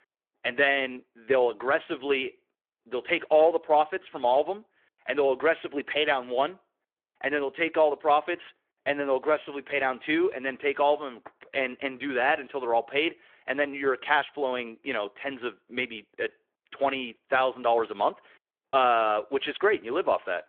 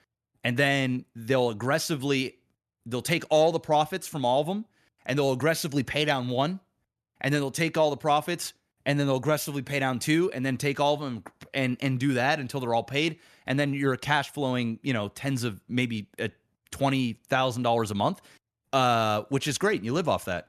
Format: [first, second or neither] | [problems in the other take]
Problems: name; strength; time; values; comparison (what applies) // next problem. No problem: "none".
second | phone-call audio; nothing above 3.5 kHz